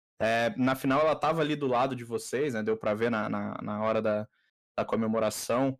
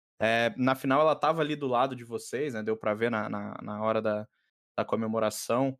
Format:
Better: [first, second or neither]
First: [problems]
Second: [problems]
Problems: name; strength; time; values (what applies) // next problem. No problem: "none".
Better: second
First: distortion; slight; 10 dB below the speech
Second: none